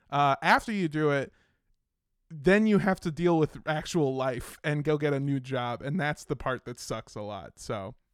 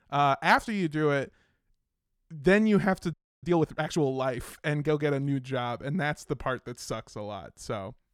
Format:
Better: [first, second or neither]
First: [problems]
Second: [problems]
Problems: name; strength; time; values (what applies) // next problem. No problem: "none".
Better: first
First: none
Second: audio freezing; at 3 s